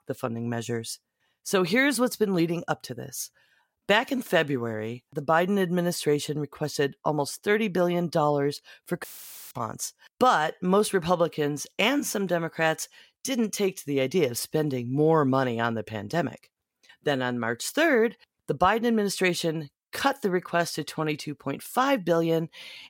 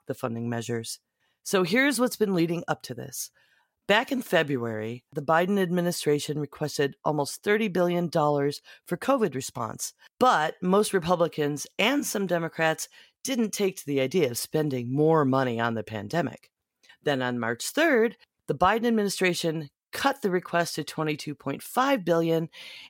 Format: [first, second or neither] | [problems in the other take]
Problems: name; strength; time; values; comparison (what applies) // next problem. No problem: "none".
second | audio cutting out; filled with static; at 9 s